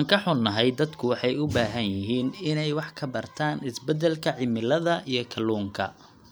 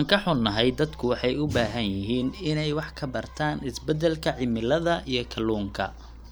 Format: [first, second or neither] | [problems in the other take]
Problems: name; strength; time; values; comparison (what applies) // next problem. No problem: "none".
first | background sound (Mechanical fan); 17 dB below the speech